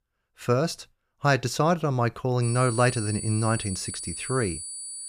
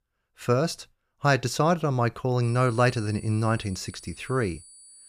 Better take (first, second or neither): second